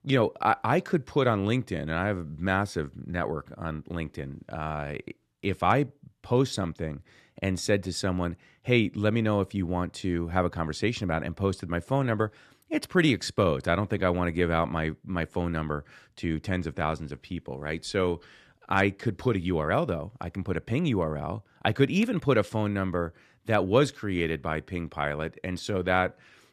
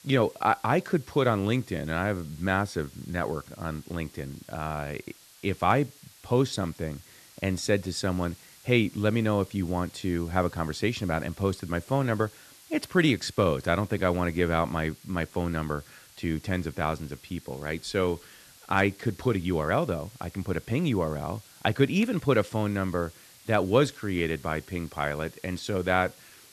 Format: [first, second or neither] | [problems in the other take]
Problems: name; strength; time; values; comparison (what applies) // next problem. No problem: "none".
first | hiss; faint; throughout; 25 dB below the speech